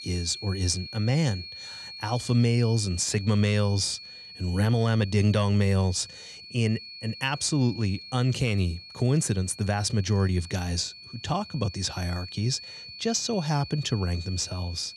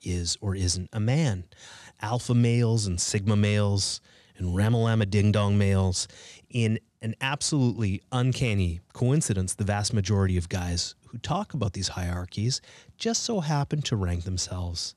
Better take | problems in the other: second | high-pitched whine; noticeable; throughout; 4.5 kHz, 15 dB below the speech

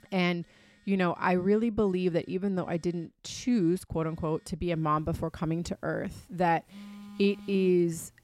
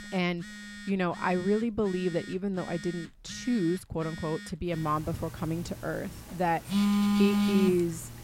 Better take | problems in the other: first | alarms or sirens; loud; throughout; as loud as the speech; faint in the first

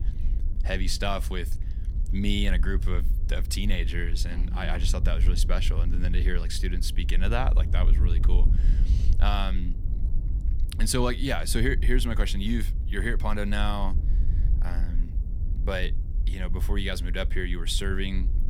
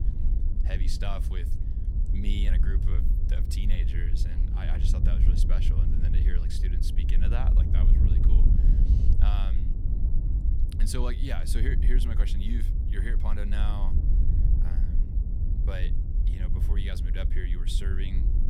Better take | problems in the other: first | wind noise on the microphone; heavy; 4 dB below the speech; occasional gusts in the first

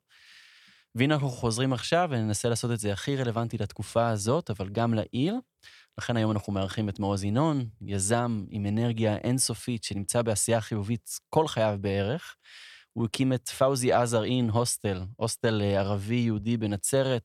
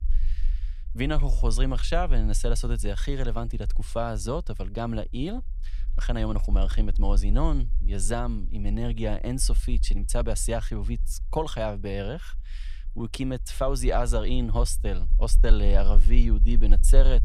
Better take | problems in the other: first | low rumble; faint; throughout; 20 dB below the speech

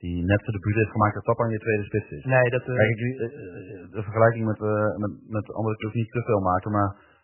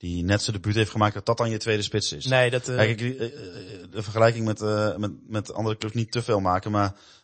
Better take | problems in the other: second | garbled, watery; badly; nothing above 3 kHz; slightly in the second

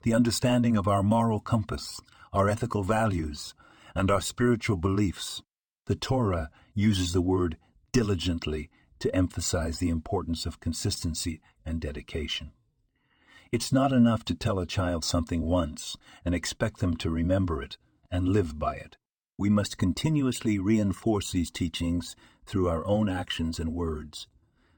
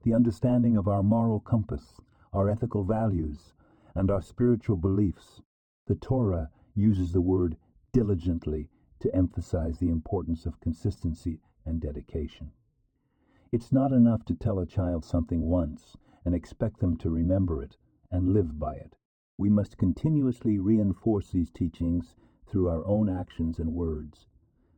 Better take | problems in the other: first | muffled; very; fading above 1 kHz

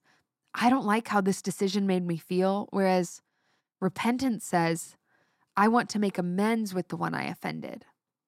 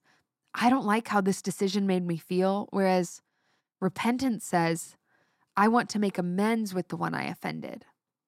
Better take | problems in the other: neither | none

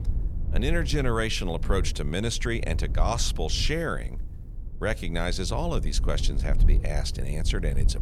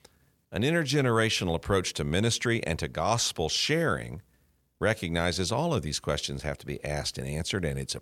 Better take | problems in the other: second | low rumble; noticeable; throughout; 20 dB below the speech

